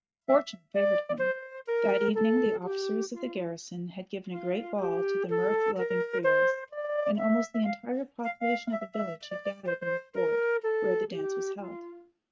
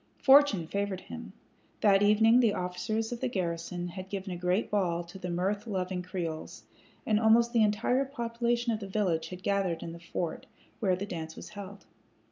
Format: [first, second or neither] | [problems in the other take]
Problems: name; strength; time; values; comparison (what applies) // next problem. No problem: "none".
second | noise reduction (neural mask model RNNoise)